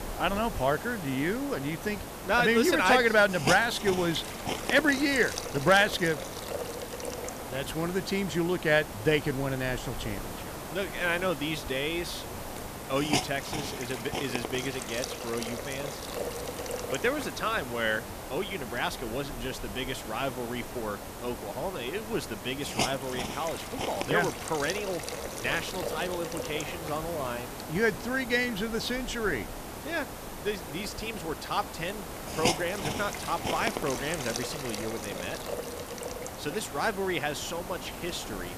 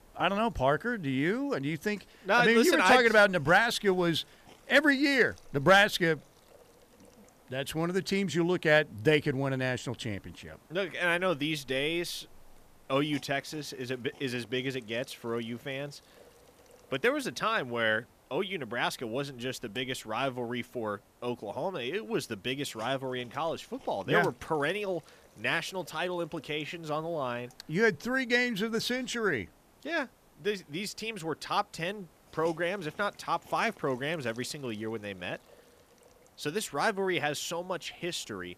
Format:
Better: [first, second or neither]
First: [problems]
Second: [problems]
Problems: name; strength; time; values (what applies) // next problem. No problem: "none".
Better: second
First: hiss; loud; throughout; 6 dB below the speech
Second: hiss; faint; throughout; 30 dB below the speech